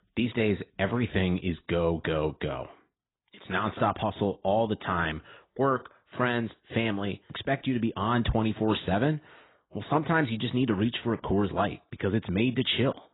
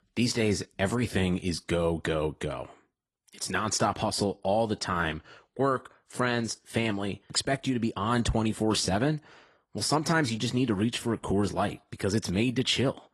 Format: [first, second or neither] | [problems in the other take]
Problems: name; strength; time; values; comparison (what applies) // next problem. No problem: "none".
second | garbled, watery; badly; nothing above 4 kHz; slightly in the second